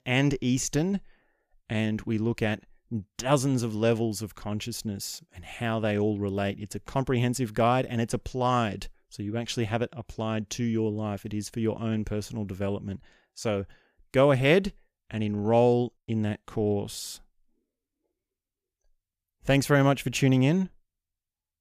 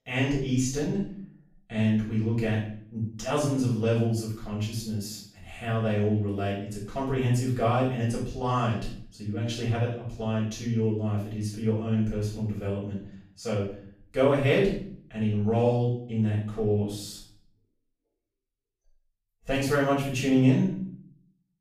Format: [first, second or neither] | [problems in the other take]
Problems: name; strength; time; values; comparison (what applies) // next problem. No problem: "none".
first | off-mic speech; far // room echo; noticeable; dies away in 0.5 s